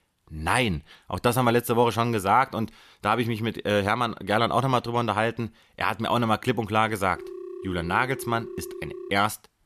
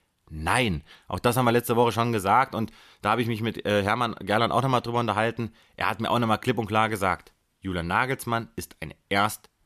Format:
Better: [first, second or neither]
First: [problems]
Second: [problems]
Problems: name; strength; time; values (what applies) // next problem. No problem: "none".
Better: second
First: phone ringing; faint; from 7 to 9 s; peak 15 dB below the speech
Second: none